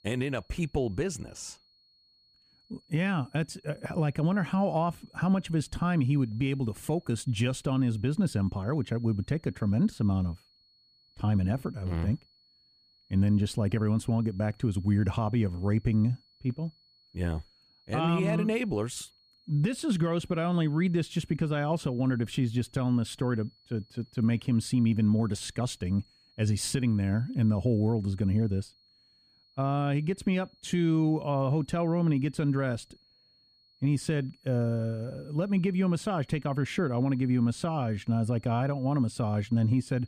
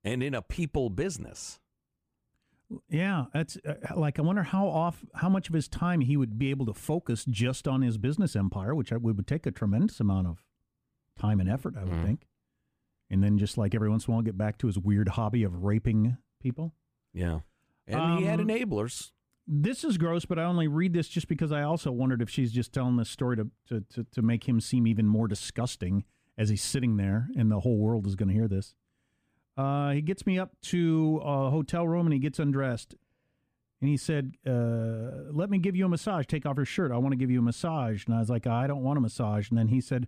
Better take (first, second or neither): second